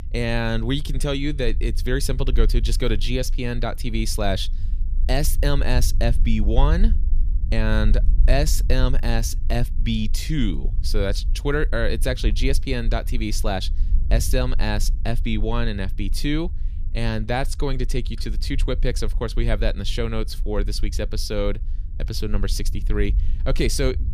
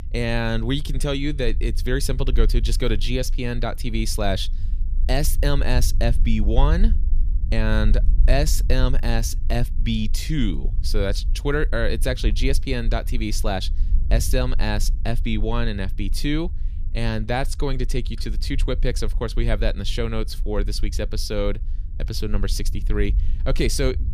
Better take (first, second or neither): neither